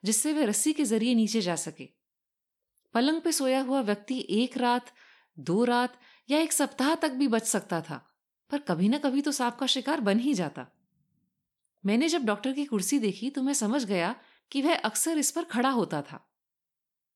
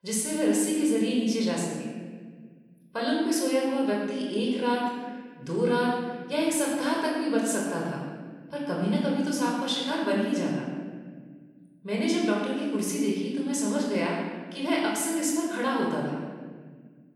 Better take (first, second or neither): first